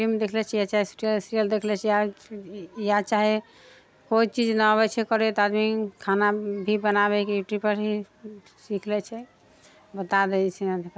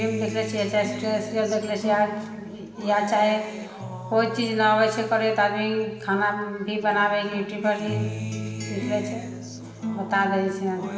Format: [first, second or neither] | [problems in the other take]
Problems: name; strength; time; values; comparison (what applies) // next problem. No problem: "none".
first | background sound (Acoustic guitar); 9 dB below the speech // room echo; dies away in 1.4 s